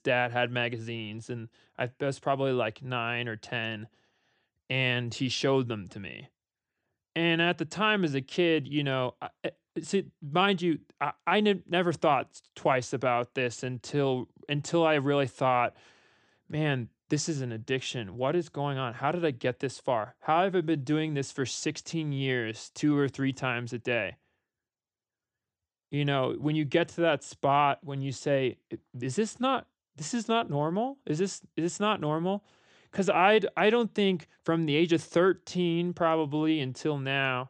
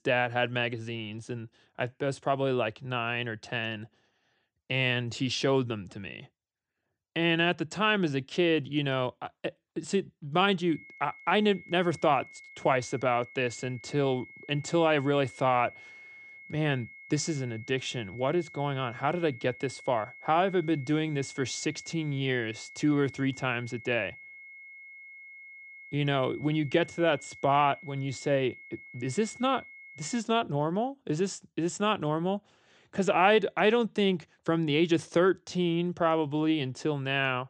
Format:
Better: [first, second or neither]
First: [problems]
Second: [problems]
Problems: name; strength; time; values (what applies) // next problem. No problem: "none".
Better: first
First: none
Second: high-pitched whine; noticeable; from 11 to 30 s; 2 kHz, 20 dB below the speech